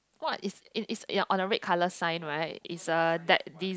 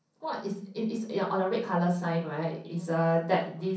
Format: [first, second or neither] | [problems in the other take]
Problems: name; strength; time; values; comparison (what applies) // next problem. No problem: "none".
first | room echo; dies away in 0.6 s